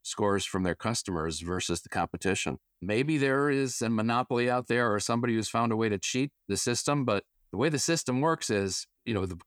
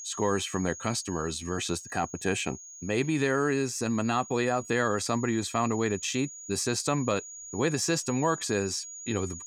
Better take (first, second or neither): first